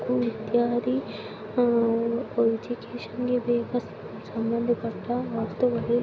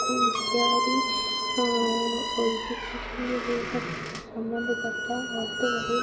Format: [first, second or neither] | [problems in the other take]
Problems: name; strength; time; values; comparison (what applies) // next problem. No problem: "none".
first | background sound (Squeak); 1 dB above the speech // room echo; dies away in 1.7 s